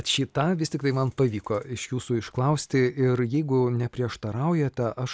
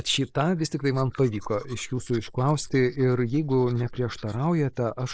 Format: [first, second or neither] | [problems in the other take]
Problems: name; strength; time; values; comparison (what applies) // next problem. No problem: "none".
first | noise reduction (neural mask model Resemble Enhance denoiser)